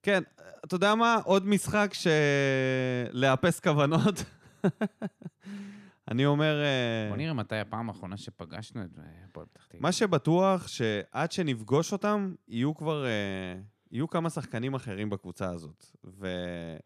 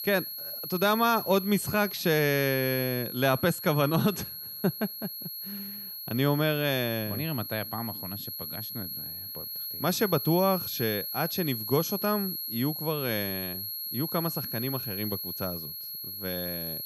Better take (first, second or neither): first